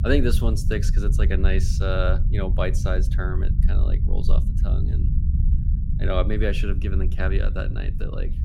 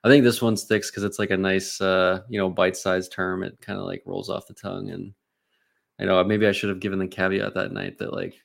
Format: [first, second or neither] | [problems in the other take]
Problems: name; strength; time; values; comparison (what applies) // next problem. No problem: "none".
second | low rumble; noticeable; throughout; 10 dB below the speech